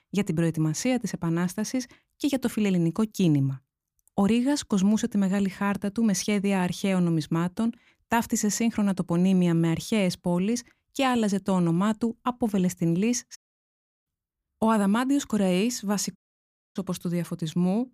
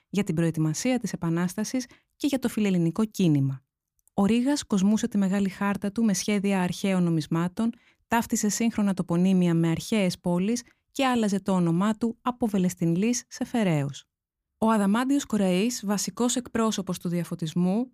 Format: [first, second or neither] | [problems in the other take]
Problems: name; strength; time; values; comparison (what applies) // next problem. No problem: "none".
second | audio cutting out; at 13 s for 0.5 s and at 16 s for 0.5 s